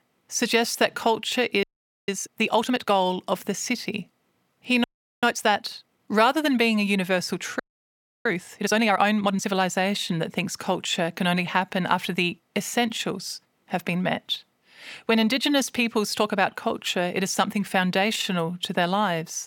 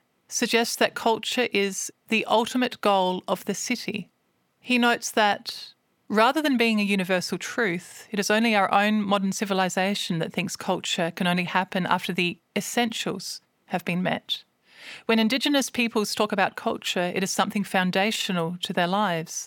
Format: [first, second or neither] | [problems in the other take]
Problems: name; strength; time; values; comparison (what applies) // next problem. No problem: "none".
second | audio freezing; at 1.5 s, at 5 s and at 7.5 s for 0.5 s